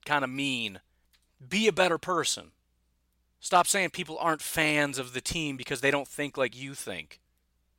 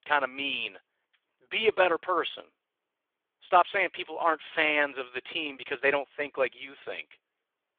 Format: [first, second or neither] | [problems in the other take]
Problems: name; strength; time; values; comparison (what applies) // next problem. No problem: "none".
first | phone-call audio; nothing above 3.5 kHz